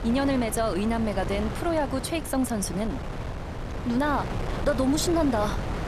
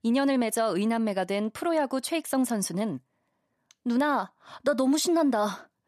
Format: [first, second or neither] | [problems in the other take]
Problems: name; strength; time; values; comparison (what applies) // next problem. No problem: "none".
second | wind noise on the microphone; heavy; 9 dB below the speech